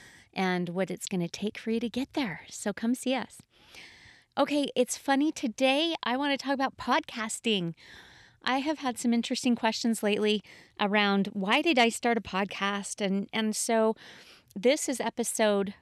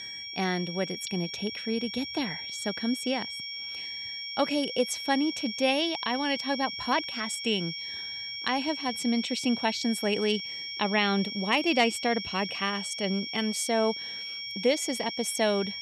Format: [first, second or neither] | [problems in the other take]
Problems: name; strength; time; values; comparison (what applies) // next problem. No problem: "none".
first | high-pitched whine; loud; throughout; 5.5 kHz, 5 dB below the speech